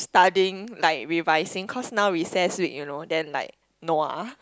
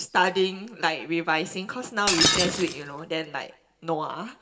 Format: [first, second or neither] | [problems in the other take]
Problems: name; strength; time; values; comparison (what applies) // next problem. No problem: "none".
first | background sound (Shatter); 1 dB below the speech // room echo; dies away in 0.7 s